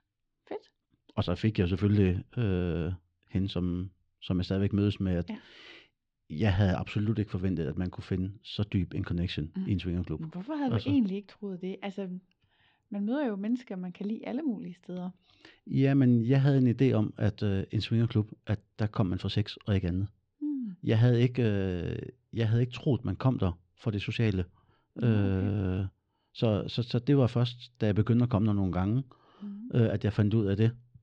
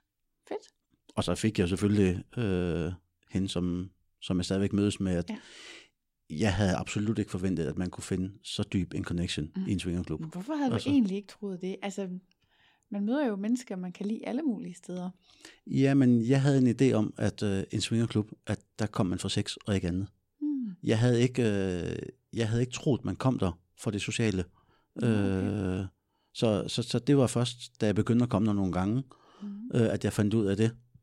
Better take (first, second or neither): second